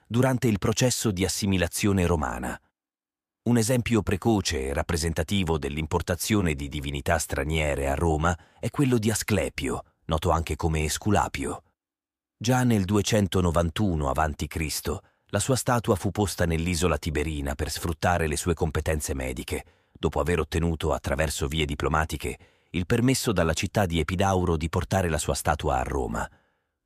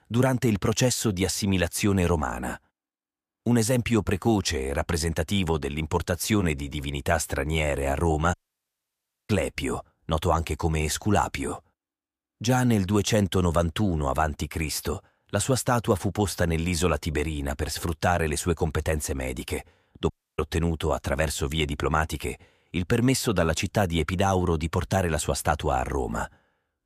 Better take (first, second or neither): first